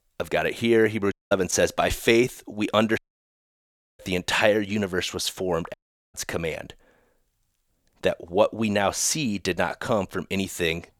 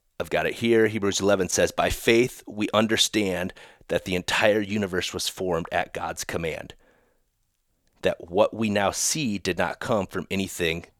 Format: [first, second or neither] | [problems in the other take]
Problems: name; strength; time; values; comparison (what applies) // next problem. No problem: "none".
second | audio cutting out; at 1 s, at 3 s for 1 s and at 5.5 s